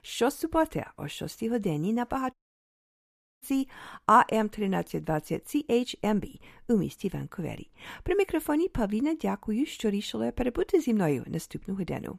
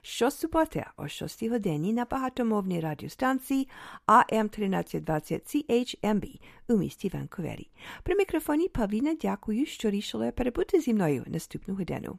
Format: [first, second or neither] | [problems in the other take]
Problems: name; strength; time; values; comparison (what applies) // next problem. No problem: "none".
second | audio cutting out; at 2.5 s for 1 s